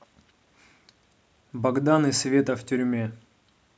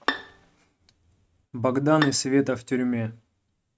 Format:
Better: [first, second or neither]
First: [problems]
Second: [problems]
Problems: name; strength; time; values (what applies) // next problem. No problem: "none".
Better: first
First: none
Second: noise reduction (neural mask model RNNoise)